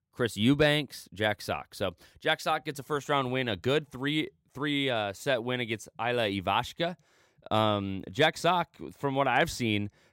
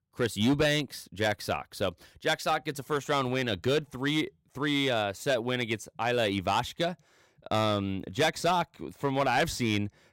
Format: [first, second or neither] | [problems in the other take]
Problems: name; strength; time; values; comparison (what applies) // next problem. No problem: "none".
first | distortion; slight; 5% of the sound clipped